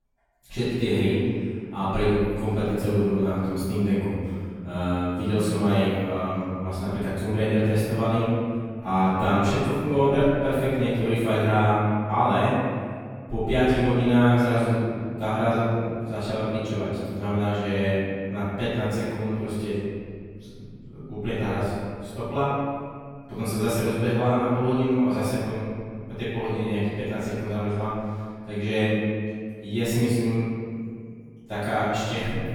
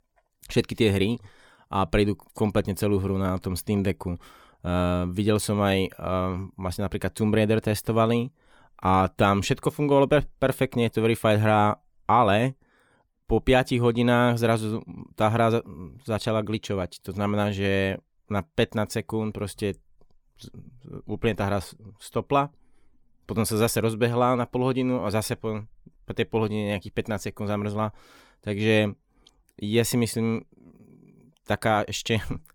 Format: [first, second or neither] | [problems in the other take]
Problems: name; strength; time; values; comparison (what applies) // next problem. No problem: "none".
second | off-mic speech; far // room echo; strong; dies away in 2 s